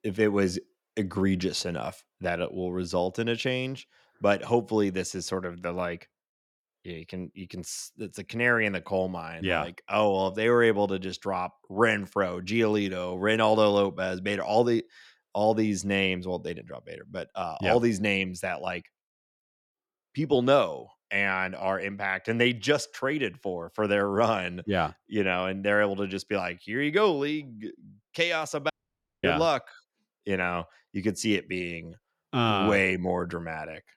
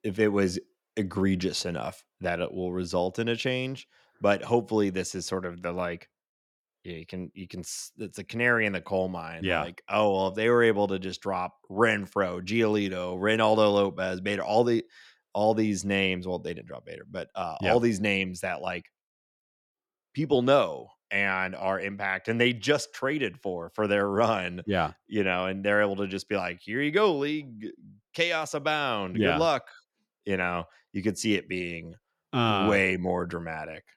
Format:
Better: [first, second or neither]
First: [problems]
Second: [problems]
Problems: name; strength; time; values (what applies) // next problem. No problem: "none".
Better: second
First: audio cutting out; at 29 s for 0.5 s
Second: none